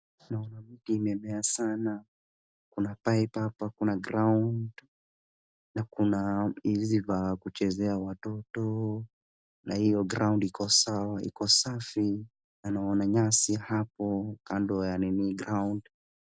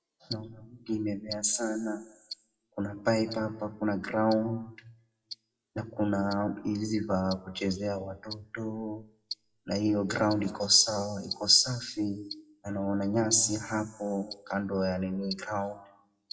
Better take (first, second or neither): first